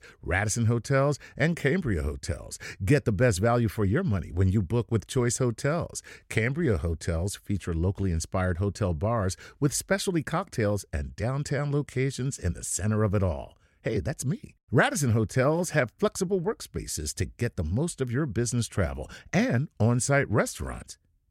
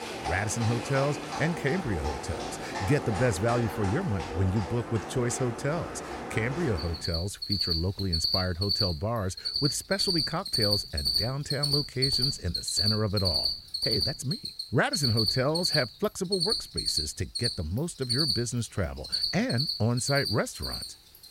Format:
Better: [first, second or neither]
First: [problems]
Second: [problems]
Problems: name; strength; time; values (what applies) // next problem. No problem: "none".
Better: first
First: none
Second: animal sounds; very loud; throughout; 1 dB above the speech